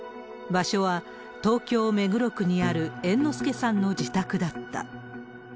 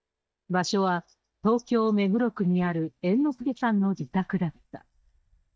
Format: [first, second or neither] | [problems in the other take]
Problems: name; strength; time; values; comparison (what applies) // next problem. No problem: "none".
first | noise reduction (neural mask model DeepFilterNet 3)